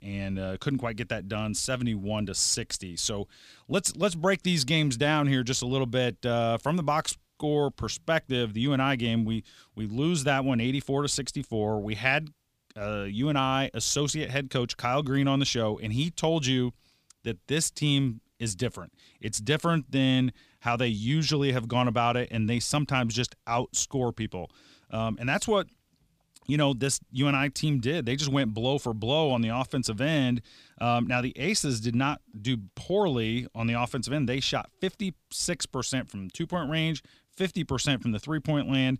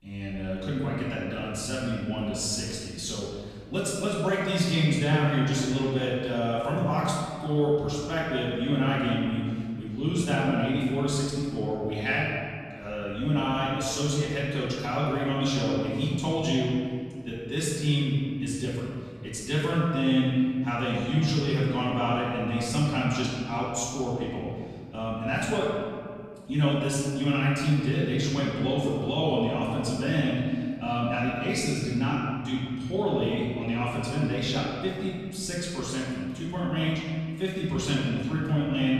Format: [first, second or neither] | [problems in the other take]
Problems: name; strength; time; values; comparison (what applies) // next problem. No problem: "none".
first | room echo; strong; dies away in 1.9 s // off-mic speech; far